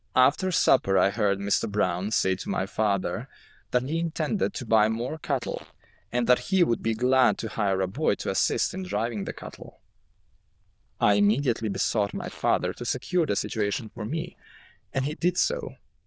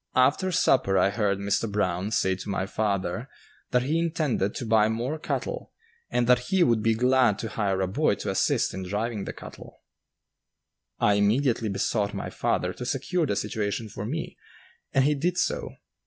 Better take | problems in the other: second | noise reduction (neural diffusion model UNIVERSE++)

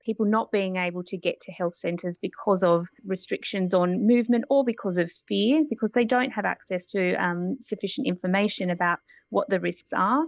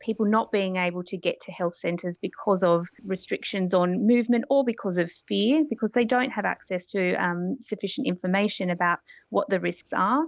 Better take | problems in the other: second | noise reduction (neural mask model DeepFilterNet 3)

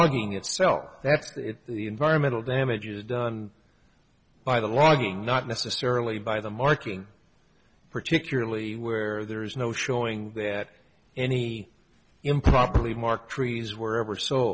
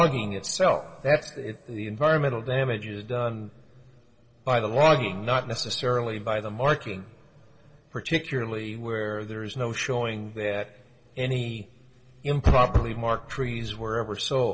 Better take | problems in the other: first | room echo; dies away in 1.6 s

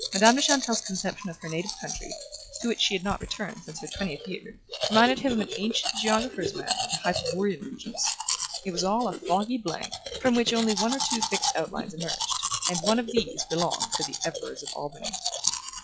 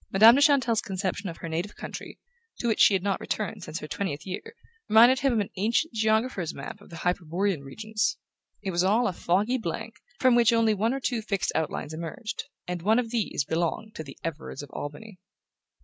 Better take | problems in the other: second | noise reduction (classical method log-MMSE)

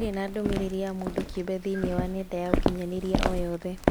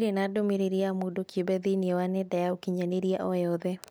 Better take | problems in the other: second | background sound (Walk, footsteps); 1 dB above the speech

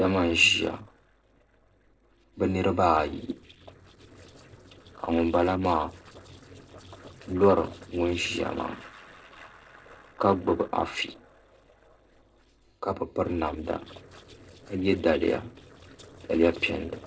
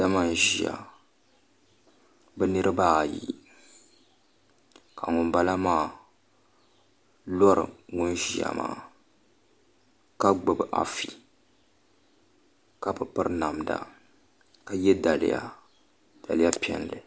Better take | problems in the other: second | noise reduction (neural separator model SepFormer DNS4)

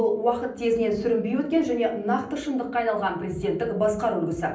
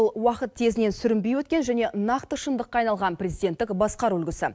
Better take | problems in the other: second | room echo; dies away in 0.6 s

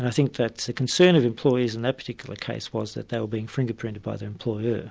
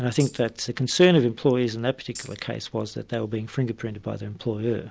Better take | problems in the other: first | background sound (Tambourine); 18 dB below the speech

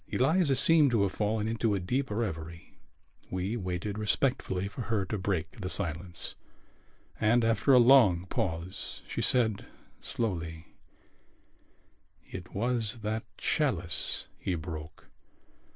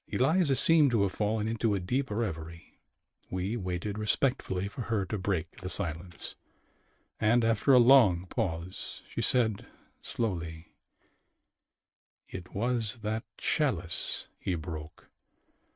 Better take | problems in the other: first | noise reduction (neural mask model RNNoise)

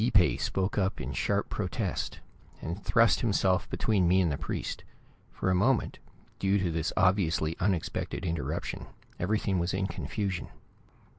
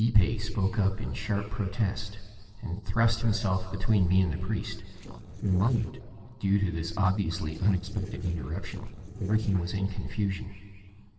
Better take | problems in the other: first | noise reduction (neural separator model SepFormer DNS4)

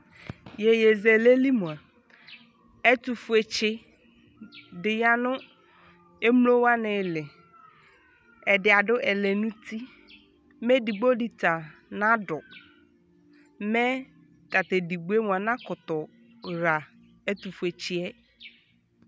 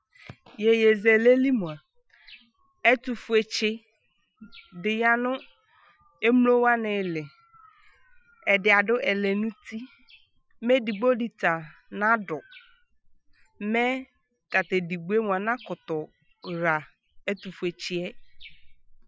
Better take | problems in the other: first | noise reduction (classical method Wiener filter)

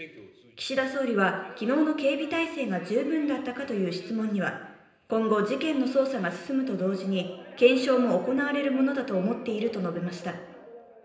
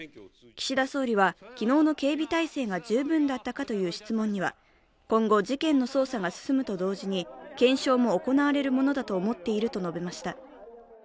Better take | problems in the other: second | room echo; dies away in 0.9 s

